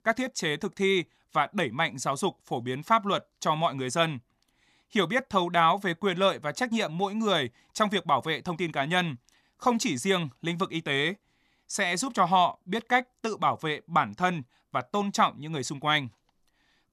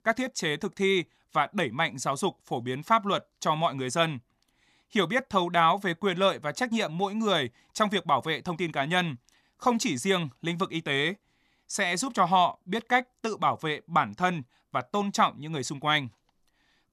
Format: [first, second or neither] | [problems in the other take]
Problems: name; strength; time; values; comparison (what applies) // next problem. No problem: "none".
neither | none